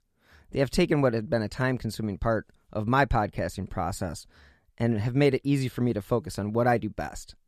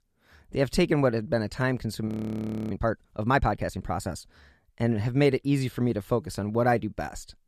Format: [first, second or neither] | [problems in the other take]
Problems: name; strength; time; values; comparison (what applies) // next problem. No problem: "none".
first | audio freezing; at 2 s for 0.5 s